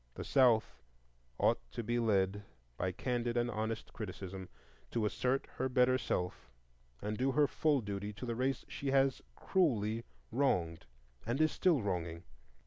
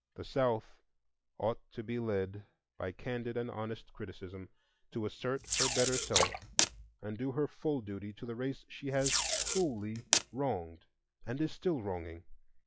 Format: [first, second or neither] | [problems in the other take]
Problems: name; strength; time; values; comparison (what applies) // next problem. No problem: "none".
first | noise reduction (classical method log-MMSE)